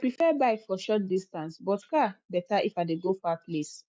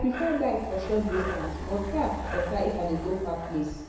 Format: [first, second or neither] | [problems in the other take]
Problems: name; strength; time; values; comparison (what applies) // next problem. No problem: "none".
first | background sound (Breathing); 6 dB below the speech // room echo; dies away in 1 s